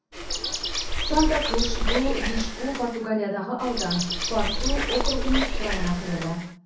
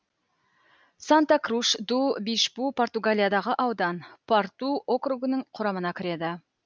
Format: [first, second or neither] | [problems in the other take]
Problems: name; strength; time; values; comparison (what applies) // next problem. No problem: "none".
second | background sound (Bird); 2 dB above the speech // room echo; dies away in 0.6 s